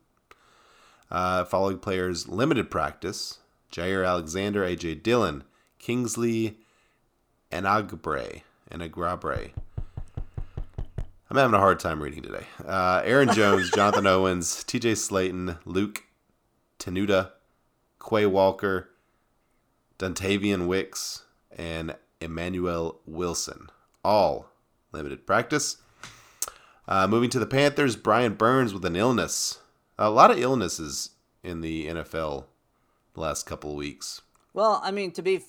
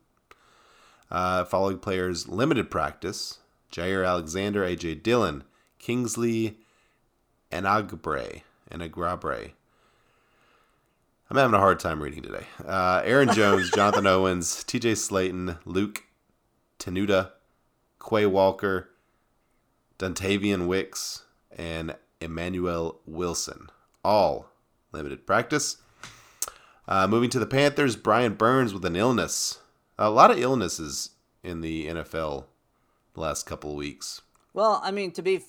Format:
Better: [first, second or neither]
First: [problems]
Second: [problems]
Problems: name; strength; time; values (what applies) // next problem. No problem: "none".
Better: second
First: door banging; faint; from 9.5 to 11 s; peak 15 dB below the speech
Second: none